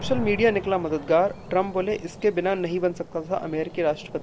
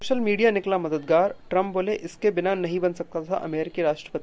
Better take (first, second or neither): second